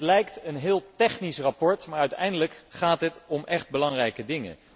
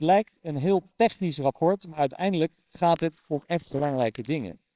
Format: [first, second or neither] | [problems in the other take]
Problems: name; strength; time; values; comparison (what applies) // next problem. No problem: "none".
first | noise reduction (neural separator model SepFormer WHAMR!)